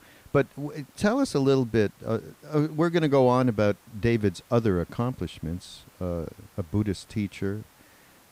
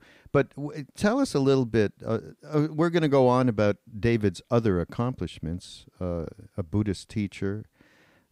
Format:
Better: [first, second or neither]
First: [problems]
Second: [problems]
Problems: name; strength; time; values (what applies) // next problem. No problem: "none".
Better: second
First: hiss; faint; throughout; 30 dB below the speech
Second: none